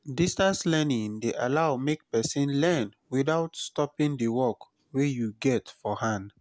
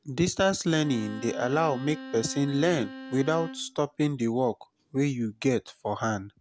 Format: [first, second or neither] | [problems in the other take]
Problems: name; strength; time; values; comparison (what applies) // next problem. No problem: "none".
first | background sound (Bowed string instrument); 14 dB below the speech